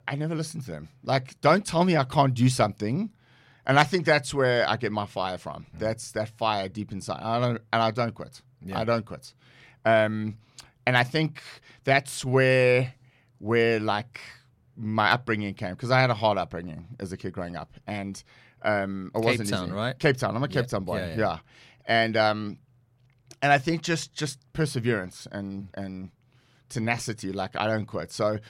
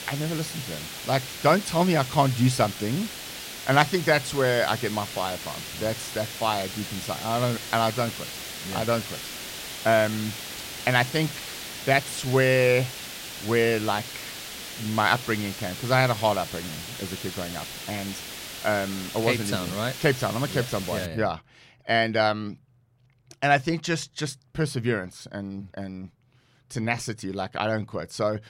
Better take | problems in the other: first | hiss; loud; until 21 s; 9 dB below the speech

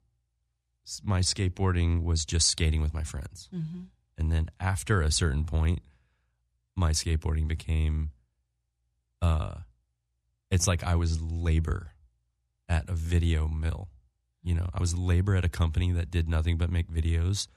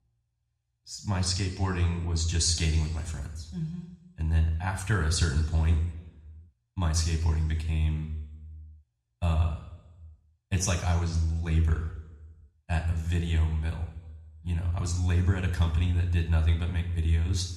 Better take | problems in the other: first | room echo; slight; dies away in 1 s

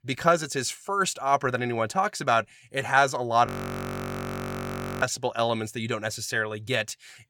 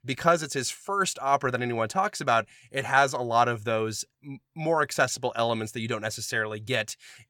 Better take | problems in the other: second | audio freezing; at 3.5 s for 1.5 s

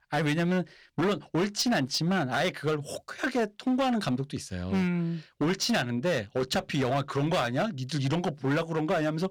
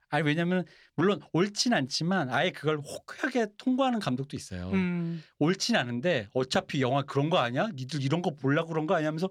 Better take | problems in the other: second | distortion; slight; 12% of the sound clipped

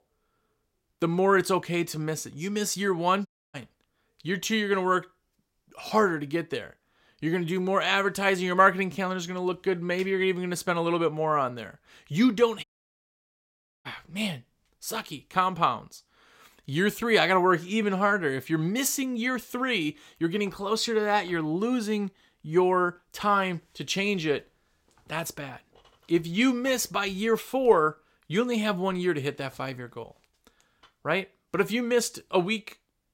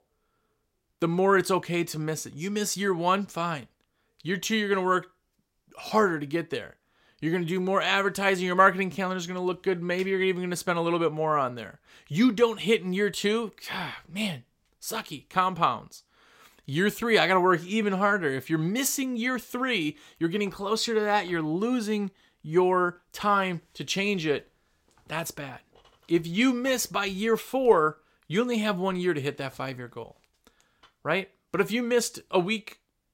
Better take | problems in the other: second | audio cutting out; at 3.5 s and at 13 s for 1 s

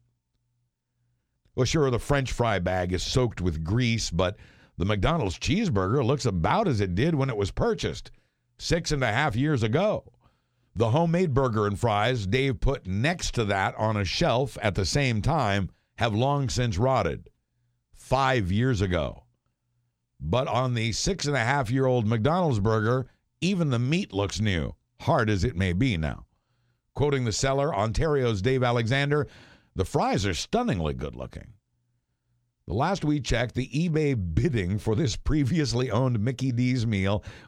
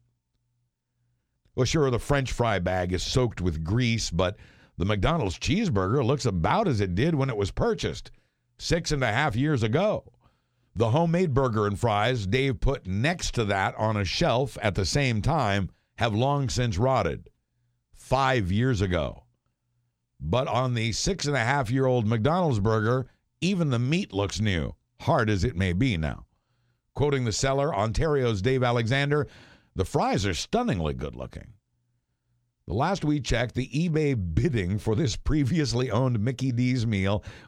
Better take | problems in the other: neither | none

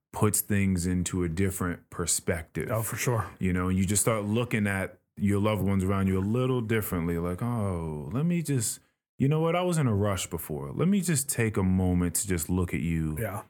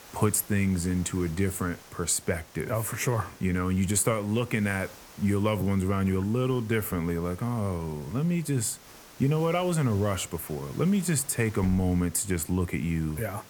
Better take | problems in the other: first | hiss; faint; throughout; 20 dB below the speech

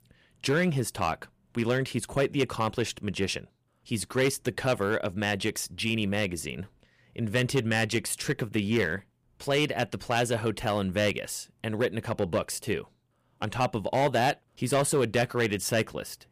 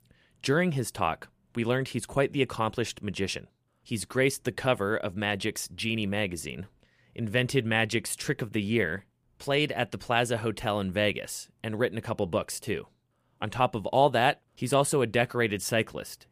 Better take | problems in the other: second | distortion; slight; 4% of the sound clipped

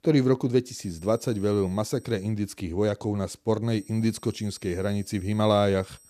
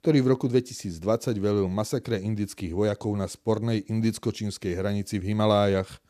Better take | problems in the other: second | high-pitched whine; faint; from 1 to 2.5 s and from 3.5 s on; 8 kHz, 25 dB below the speech

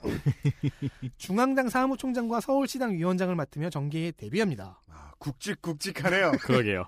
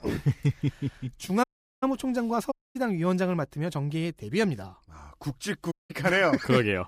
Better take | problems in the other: first | audio cutting out; at 1.5 s, at 2.5 s and at 5.5 s

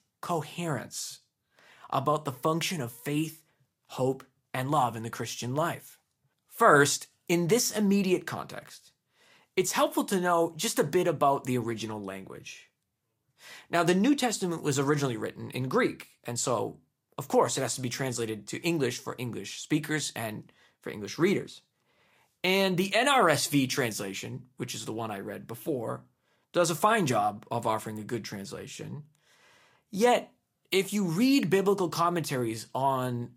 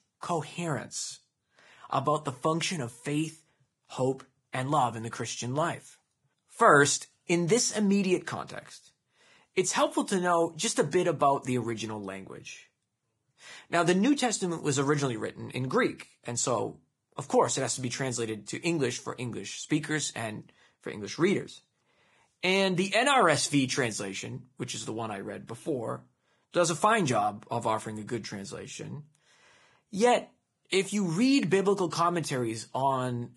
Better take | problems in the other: first | garbled, watery; badly; nothing above 10.5 kHz; slightly in the first

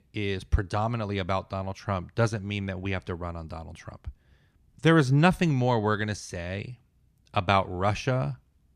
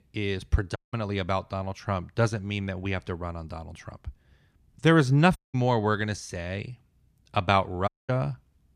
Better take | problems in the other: first | audio cutting out; at 1 s, at 5.5 s and at 8 s

